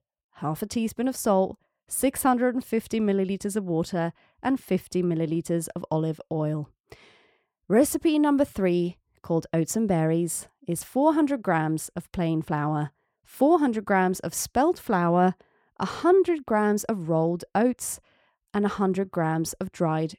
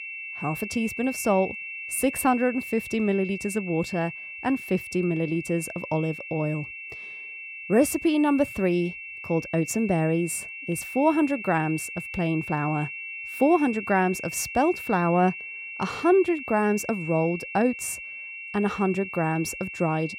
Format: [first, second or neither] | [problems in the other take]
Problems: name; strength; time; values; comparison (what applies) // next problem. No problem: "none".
first | high-pitched whine; loud; throughout; 2.5 kHz, 9 dB below the speech